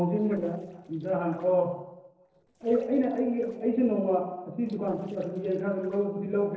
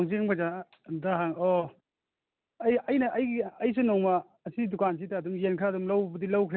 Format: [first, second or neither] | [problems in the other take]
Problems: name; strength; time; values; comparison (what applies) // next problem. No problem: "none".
second | noise reduction (neural separator model SepFormer DNS4)